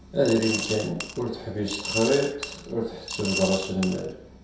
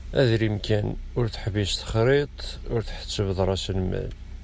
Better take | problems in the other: second | background sound (Coin (dropping) / Glass); 8 dB below the speech // room echo; dies away in 0.7 s

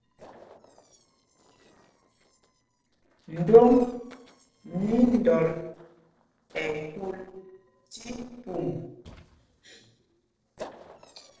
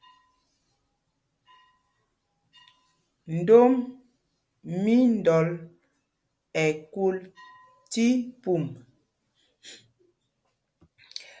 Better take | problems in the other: second | noise reduction (neural separator model SepFormer DNS4)

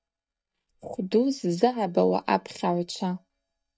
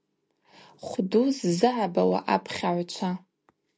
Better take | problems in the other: second | noise reduction (neural mask model DeepFilterNet 3)

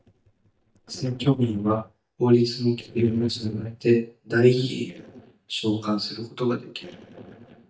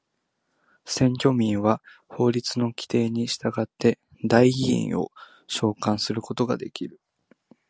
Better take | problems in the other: second | noise reduction (neural mask model DeepFilterNet 3)

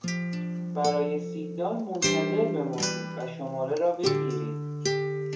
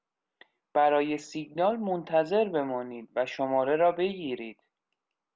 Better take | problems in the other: second | background sound (Acoustic guitar); 1 dB above the speech // room echo; dies away in 0.6 s

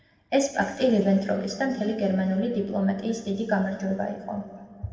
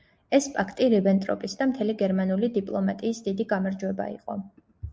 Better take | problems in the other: second | room echo; dies away in 2.2 s

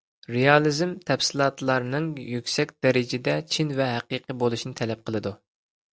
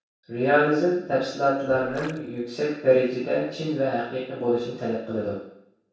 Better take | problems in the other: first | background sound (Gurgling); 18 dB below the speech // room echo; dies away in 0.7 s

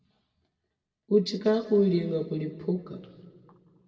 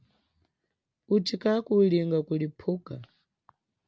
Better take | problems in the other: second | room echo; dies away in 1.9 s

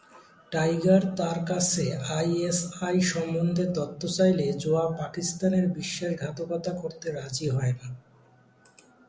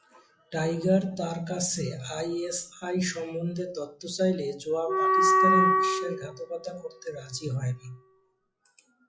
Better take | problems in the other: first | noise reduction (classical method log-MMSE)

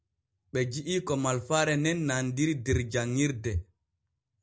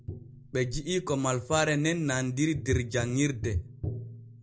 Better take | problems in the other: first | background sound (Tap); 12 dB below the speech

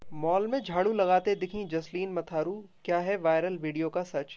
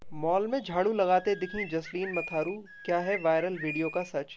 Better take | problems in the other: first | background sound (Bird); 12 dB below the speech

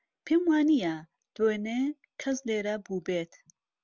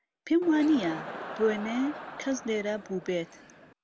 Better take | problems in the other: first | background sound (Crowd); 12 dB below the speech

